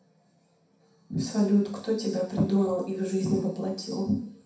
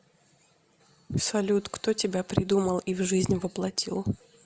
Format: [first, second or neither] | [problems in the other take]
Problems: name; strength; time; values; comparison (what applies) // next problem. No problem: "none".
second | room echo; dies away in 0.6 s